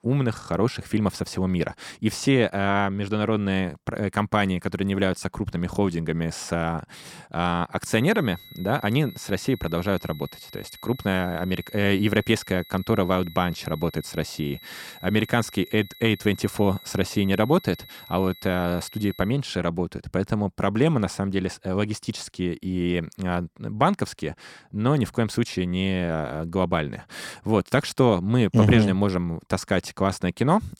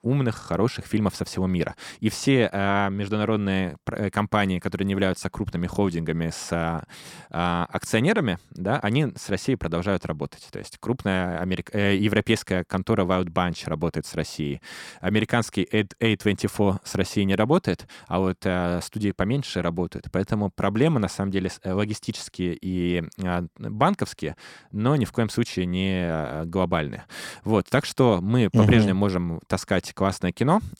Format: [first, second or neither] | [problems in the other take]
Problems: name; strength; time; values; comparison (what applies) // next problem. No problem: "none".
second | high-pitched whine; noticeable; from 8 to 19 s; 4 kHz, 20 dB below the speech